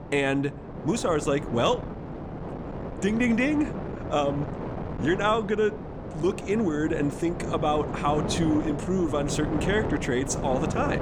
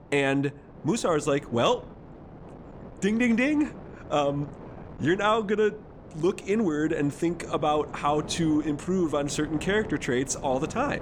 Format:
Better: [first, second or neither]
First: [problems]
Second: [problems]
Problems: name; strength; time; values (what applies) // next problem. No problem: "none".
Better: second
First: wind noise on the microphone; heavy; 9 dB below the speech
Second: wind noise on the microphone; occasional gusts; 20 dB below the speech